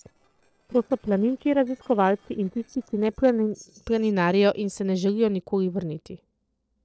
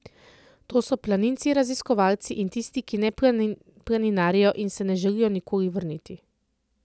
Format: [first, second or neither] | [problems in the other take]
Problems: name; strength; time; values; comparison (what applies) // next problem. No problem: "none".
second | noise reduction (neural separator model SepFormer DNS4)